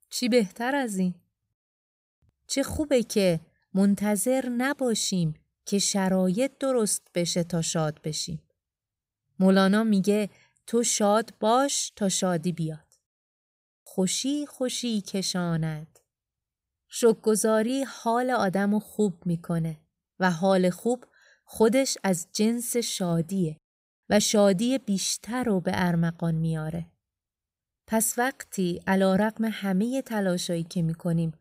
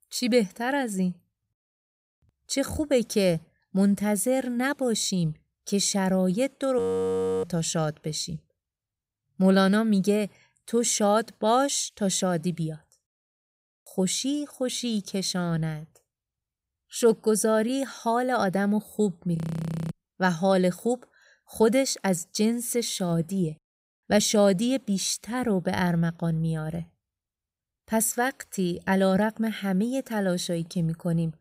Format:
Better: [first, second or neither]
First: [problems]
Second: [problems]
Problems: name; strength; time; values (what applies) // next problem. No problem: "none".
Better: first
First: none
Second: audio freezing; at 7 s for 0.5 s and at 19 s for 0.5 s